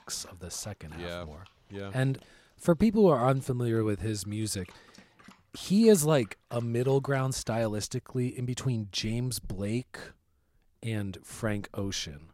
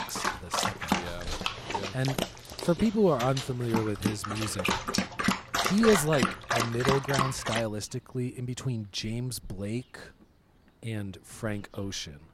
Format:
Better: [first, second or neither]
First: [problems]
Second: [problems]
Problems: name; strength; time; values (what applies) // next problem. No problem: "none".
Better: first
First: animal sounds; faint; throughout; 30 dB below the speech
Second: animal sounds; loud; throughout; as loud as the speech